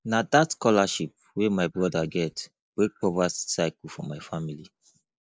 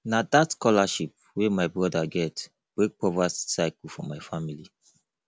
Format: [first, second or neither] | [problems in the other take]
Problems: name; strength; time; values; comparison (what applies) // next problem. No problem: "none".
second | noise reduction (neural mask model Resemble Enhance denoiser)